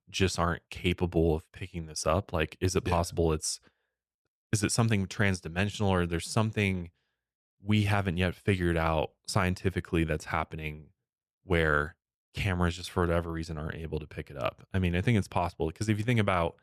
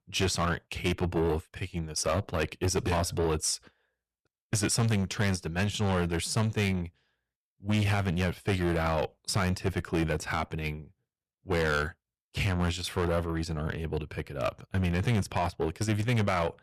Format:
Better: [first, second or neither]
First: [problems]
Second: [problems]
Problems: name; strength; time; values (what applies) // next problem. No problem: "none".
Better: first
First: none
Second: distortion; heavy; 7 dB below the speech